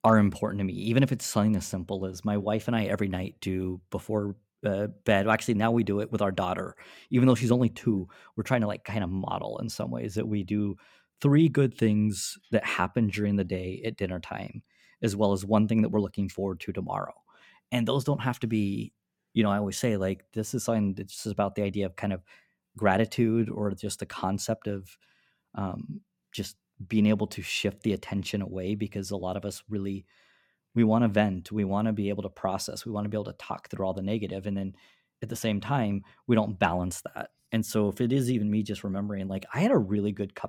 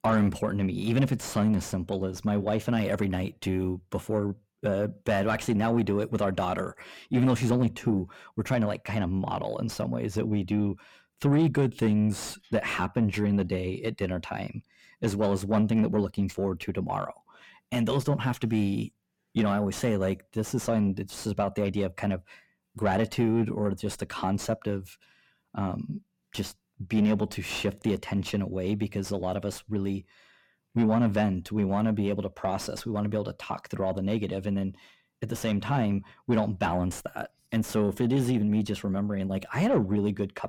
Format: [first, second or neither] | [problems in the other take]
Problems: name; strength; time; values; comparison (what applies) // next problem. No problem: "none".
first | distortion; slight; 10 dB below the speech